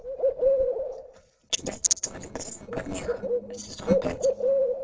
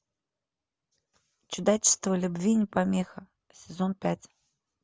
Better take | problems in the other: second | noise reduction (neural separator model SepFormer DNS4)

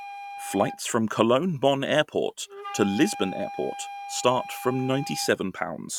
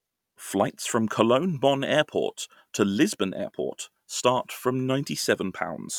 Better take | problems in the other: second | background sound (Wind instrument, woodwind instrument); 13 dB below the speech

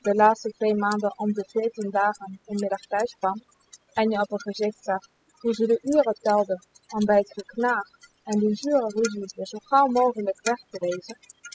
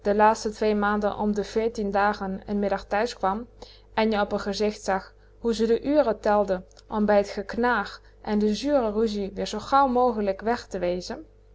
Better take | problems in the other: second | noise reduction (classical method spectral subtraction)

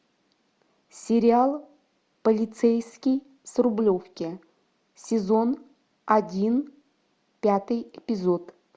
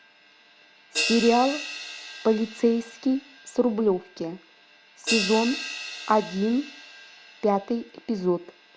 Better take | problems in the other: first | background sound (Crash cymbal); 9 dB below the speech

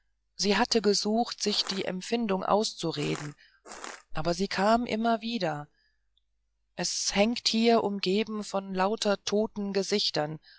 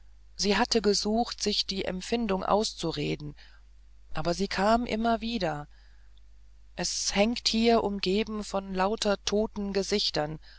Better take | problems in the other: second | noise reduction (classical method log-MMSE)

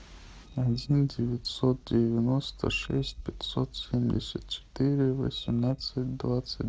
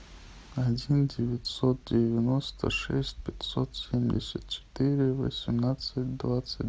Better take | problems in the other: second | noise reduction (neural separator model SepFormer DNS4)

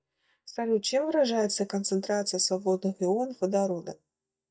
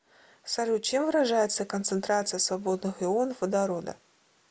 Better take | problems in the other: second | noise reduction (neural mask model DeepFilterNet 3)

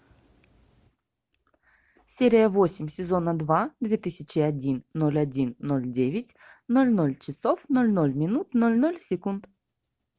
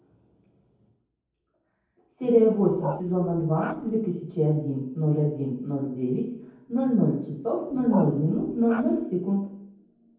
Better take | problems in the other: first | background sound (Bark); 11 dB below the speech // room echo; dies away in 0.9 s

